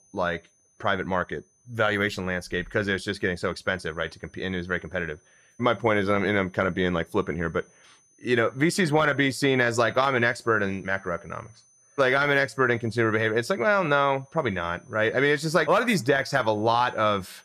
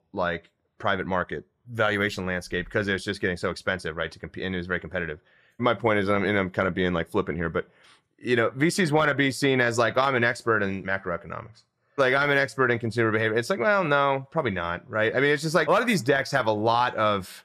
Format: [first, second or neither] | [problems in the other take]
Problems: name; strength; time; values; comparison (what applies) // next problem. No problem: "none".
second | high-pitched whine; faint; throughout; 6 kHz, 35 dB below the speech